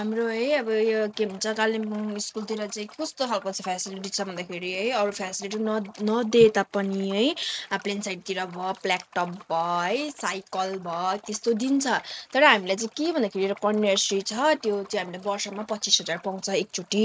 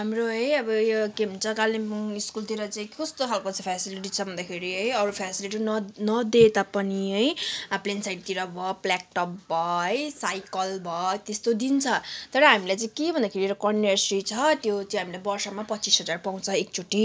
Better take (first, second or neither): second